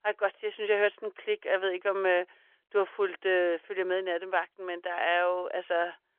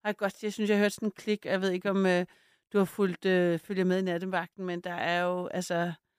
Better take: second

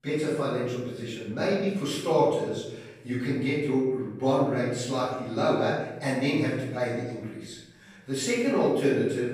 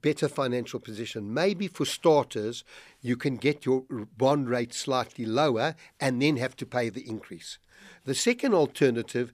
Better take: second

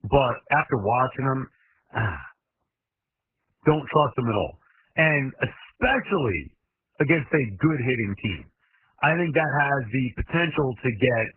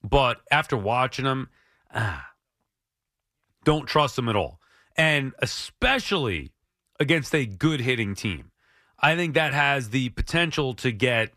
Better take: second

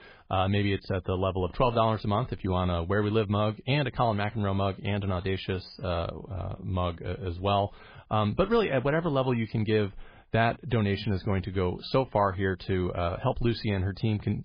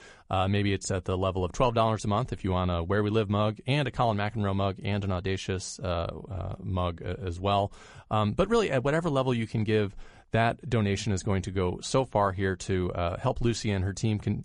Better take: second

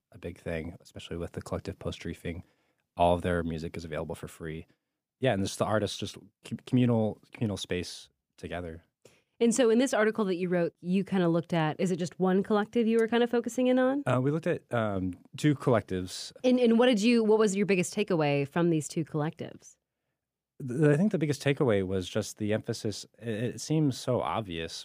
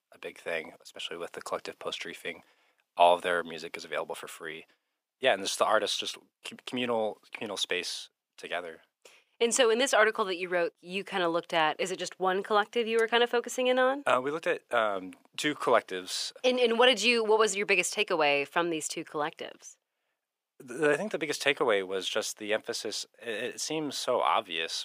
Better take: first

